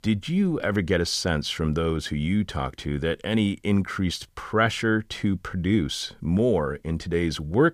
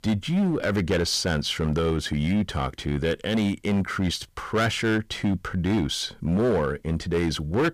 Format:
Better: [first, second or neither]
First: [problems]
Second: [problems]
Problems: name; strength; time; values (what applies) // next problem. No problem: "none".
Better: first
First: none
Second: distortion; slight; 12% of the sound clipped